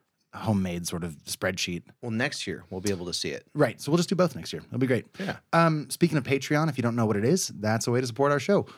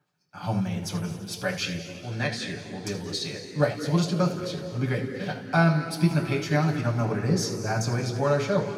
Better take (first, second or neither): first